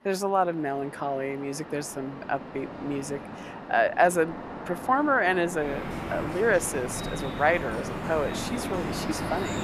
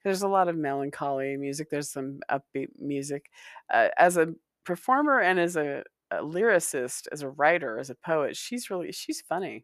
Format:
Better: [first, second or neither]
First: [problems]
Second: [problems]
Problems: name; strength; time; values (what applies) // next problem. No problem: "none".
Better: second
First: rain or running water; loud; throughout; 8 dB below the speech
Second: none